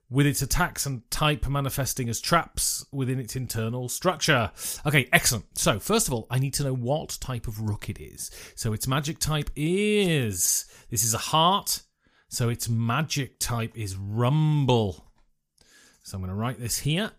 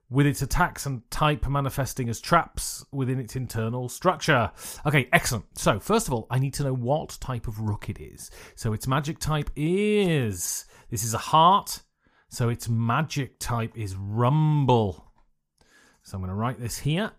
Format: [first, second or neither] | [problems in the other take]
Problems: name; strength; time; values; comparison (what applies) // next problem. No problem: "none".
first | muffled; slightly; fading above 2.5 kHz